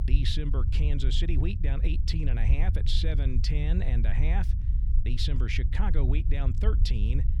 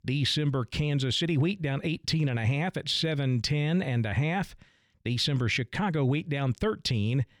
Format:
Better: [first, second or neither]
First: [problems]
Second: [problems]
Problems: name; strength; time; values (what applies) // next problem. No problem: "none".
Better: second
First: low rumble; loud; throughout; 9 dB below the speech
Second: none